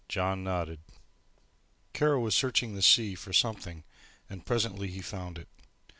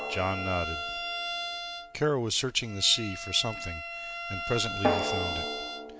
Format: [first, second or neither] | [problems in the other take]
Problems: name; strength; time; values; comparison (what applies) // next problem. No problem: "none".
first | background sound (Bowed string instrument + Drum); 2 dB below the speech